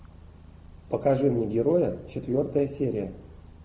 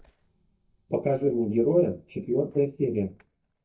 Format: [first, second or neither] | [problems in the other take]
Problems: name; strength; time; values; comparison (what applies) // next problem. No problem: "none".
first | noise reduction (neural mask model DeepFilterNet 3)